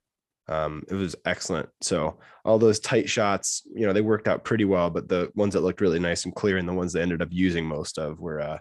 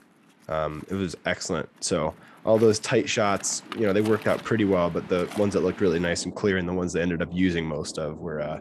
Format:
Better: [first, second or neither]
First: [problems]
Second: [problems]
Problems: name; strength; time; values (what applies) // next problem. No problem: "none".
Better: first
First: none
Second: rain or running water; noticeable; throughout; 15 dB below the speech